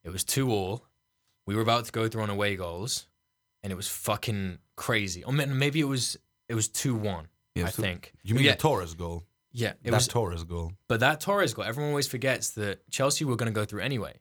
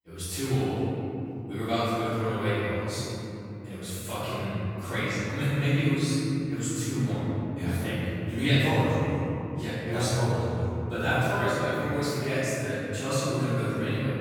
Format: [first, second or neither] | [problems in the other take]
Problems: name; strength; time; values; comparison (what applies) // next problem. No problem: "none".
first | room echo; strong; dies away in 3 s // off-mic speech; far